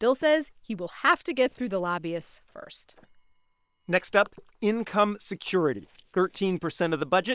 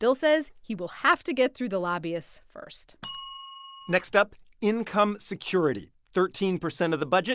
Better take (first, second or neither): second